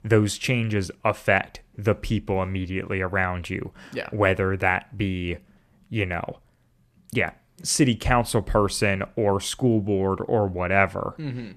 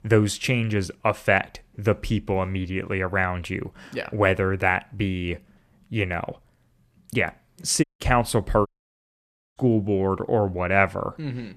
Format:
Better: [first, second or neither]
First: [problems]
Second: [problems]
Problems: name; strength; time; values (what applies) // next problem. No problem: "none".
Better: first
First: none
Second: audio cutting out; at 8 s and at 8.5 s for 1 s